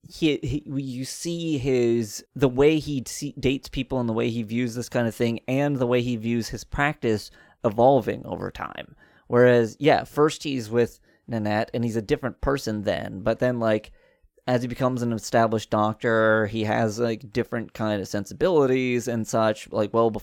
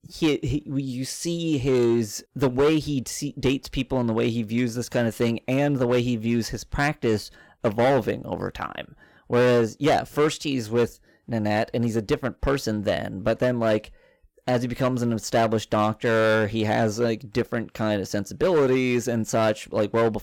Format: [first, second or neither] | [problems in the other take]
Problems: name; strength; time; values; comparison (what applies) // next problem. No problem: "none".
first | distortion; slight; 6% of the sound clipped